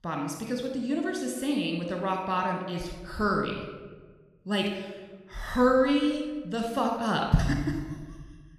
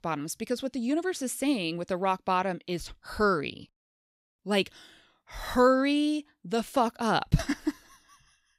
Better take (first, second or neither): second